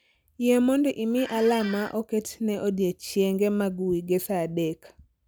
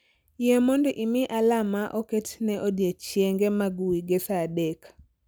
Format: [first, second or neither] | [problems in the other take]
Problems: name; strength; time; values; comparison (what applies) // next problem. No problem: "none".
second | background sound (Squeak); 14 dB below the speech